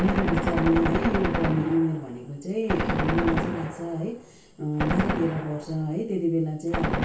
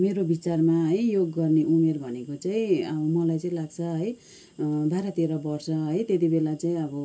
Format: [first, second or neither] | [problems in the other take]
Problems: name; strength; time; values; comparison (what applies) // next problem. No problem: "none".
second | background sound (Gunshot, gunfire); 2 dB below the speech // room echo; dies away in 0.4 s